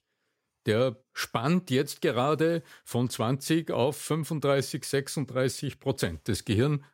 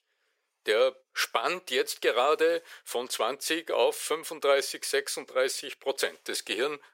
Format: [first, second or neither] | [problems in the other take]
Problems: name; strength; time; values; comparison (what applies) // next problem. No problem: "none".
first | thin; very; fading below 450 Hz